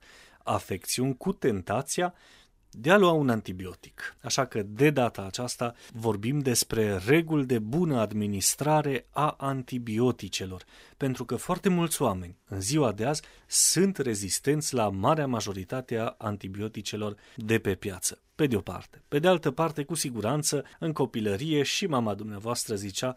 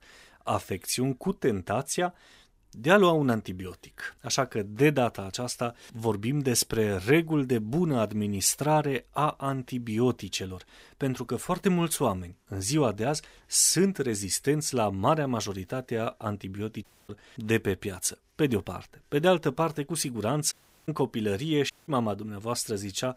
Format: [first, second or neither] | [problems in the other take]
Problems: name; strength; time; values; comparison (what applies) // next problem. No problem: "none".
first | audio cutting out; at 17 s, at 21 s and at 22 s